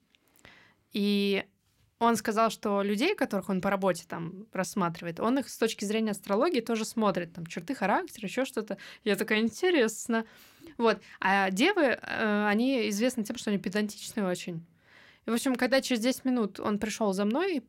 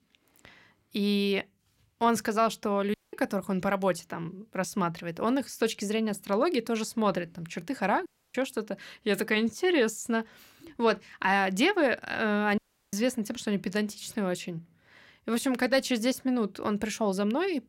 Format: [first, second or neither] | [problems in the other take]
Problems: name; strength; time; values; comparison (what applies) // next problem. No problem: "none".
first | audio cutting out; at 3 s, at 8 s and at 13 s